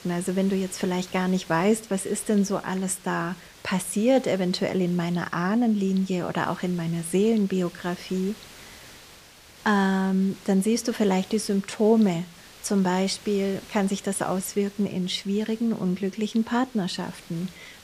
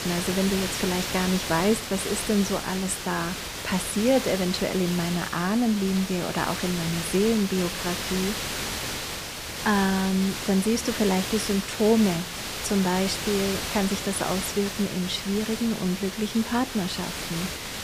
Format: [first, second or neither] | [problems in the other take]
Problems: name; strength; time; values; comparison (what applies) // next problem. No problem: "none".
first | hiss; loud; throughout; 5 dB below the speech; faint in the first